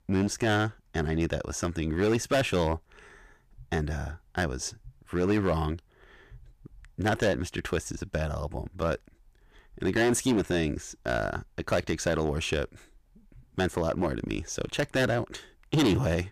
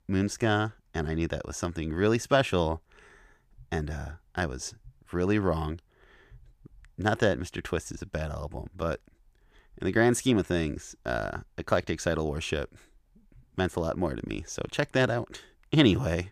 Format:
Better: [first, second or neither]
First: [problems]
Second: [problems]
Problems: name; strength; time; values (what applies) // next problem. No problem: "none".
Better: second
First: distortion; heavy; 6% of the sound clipped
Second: none